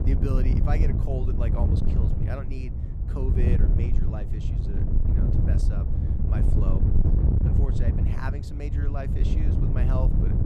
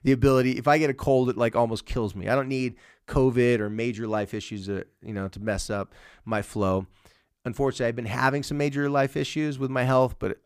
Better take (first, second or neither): second